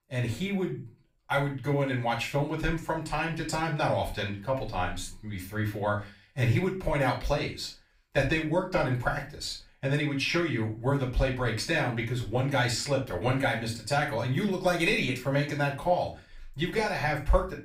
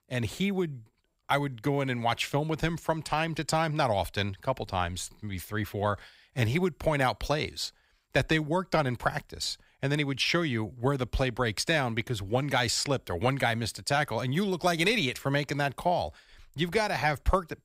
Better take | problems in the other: second | off-mic speech; far // room echo; slight; dies away in 0.3 s

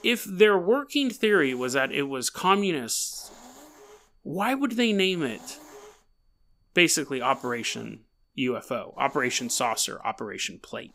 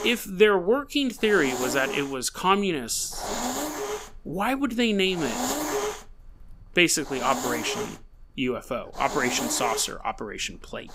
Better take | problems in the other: first | hiss; loud; throughout; 7 dB below the speech; faint in the first

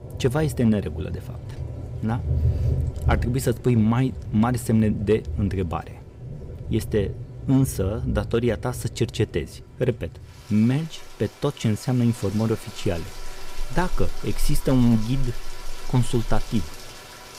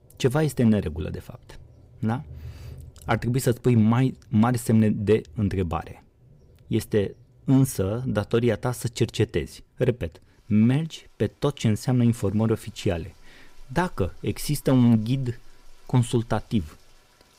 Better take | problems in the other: second | rain or running water; loud; throughout; 8 dB below the speech; faint in the second

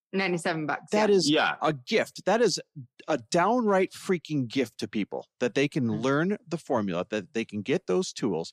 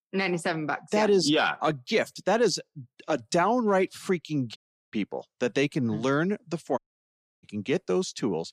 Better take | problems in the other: first | audio cutting out; at 4.5 s and at 7 s for 0.5 s

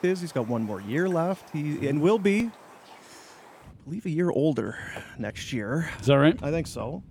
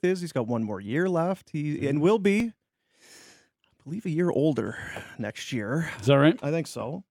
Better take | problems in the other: second | rain or running water; faint; throughout; 20 dB below the speech

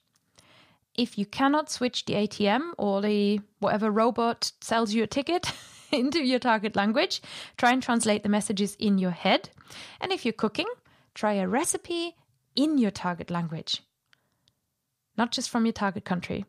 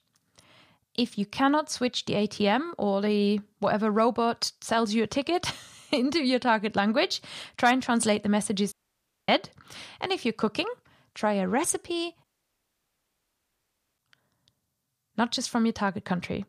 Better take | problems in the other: first | audio cutting out; at 8.5 s for 0.5 s and at 12 s for 1.5 s

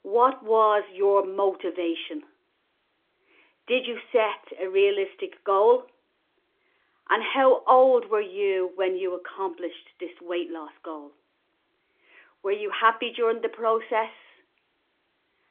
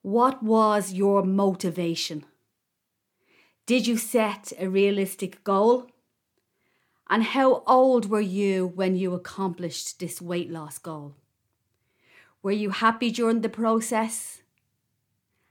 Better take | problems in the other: second | phone-call audio; nothing above 3.5 kHz

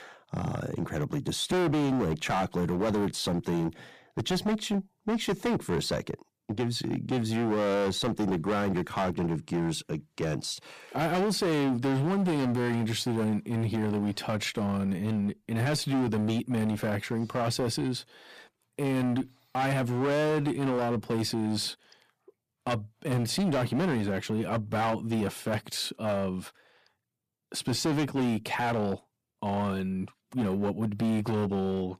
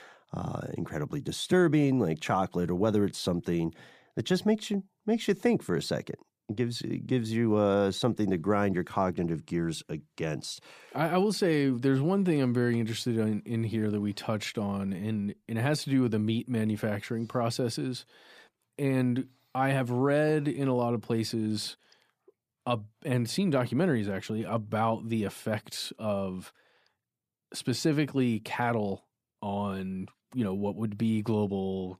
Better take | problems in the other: second | distortion; heavy; 16% of the sound clipped

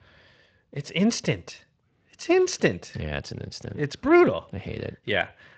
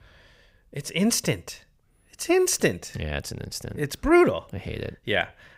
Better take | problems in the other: second | garbled, watery; slightly

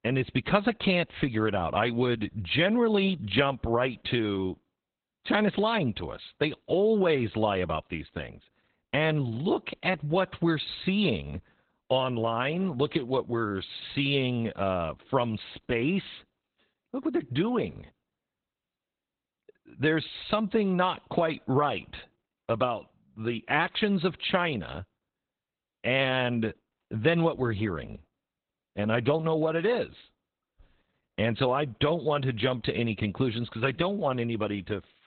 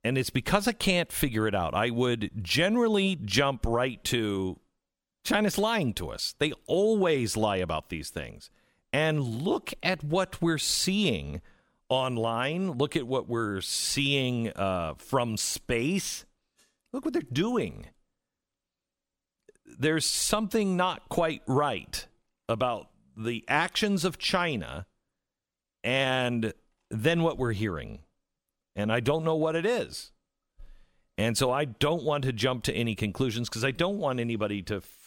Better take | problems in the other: second | garbled, watery; badly; nothing above 4 kHz

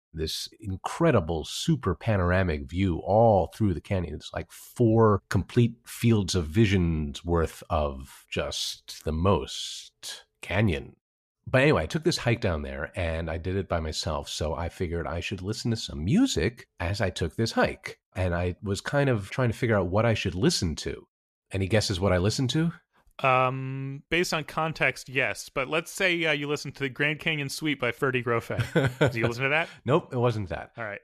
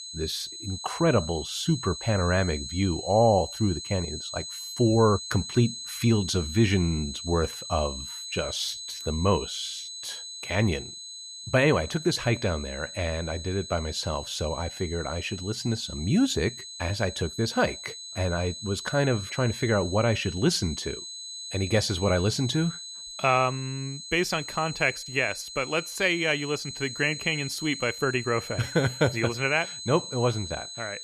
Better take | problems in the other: first | high-pitched whine; loud; throughout; 4 kHz, 9 dB below the speech

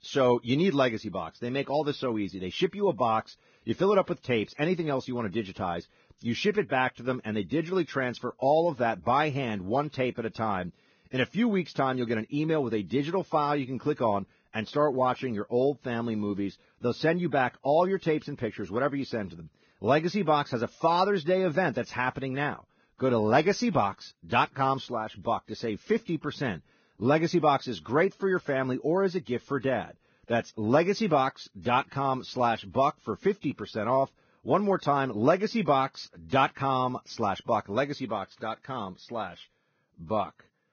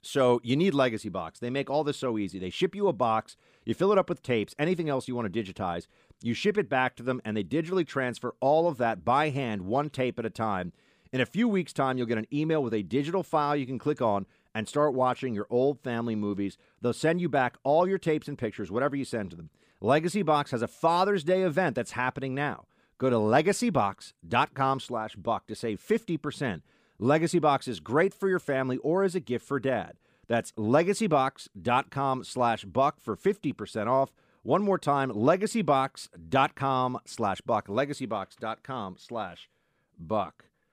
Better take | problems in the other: second | garbled, watery; badly; nothing above 6.5 kHz

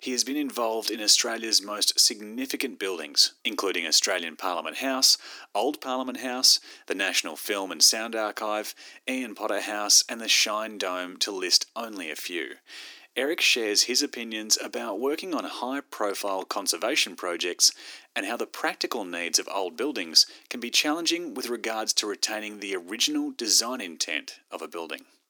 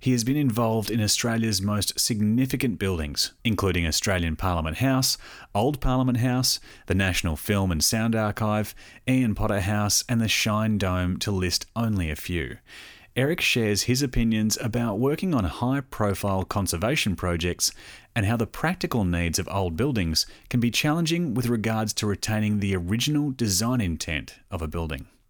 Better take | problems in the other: second | thin; somewhat; fading below 300 Hz

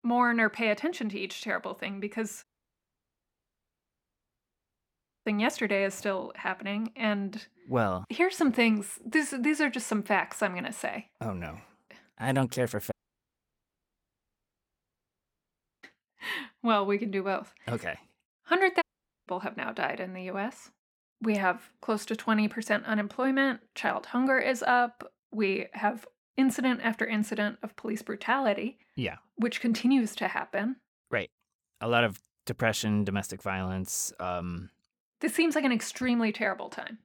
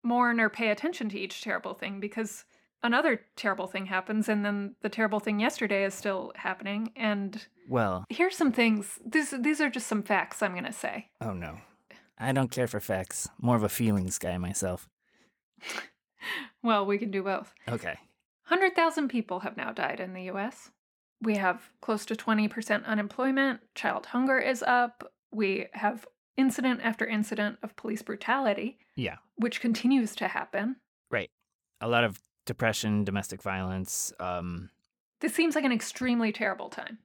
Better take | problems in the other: second | audio cutting out; at 2.5 s for 3 s, at 13 s for 3 s and at 19 s

